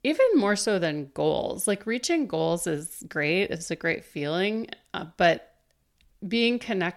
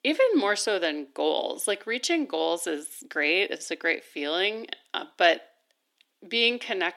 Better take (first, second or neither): first